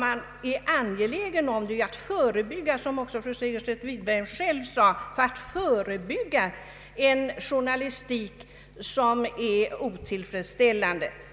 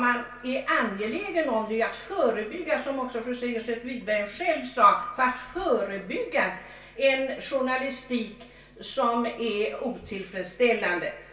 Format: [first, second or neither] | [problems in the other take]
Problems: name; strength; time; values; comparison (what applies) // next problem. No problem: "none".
first | room echo; dies away in 0.3 s